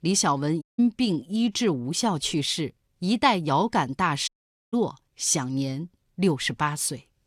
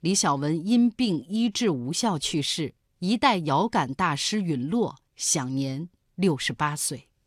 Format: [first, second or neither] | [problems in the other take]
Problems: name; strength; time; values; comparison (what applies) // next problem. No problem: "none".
second | audio cutting out; at 0.5 s and at 4.5 s